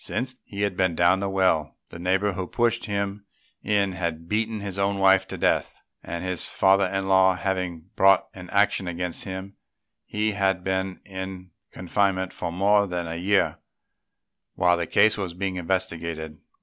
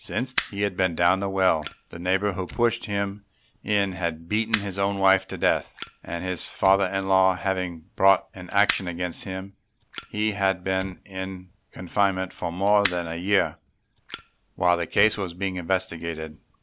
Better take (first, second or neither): first